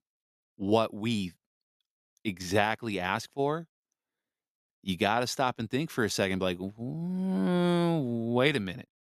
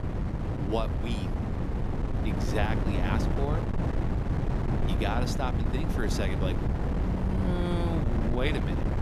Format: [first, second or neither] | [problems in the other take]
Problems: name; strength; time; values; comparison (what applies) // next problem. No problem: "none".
first | wind noise on the microphone; heavy; 2 dB below the speech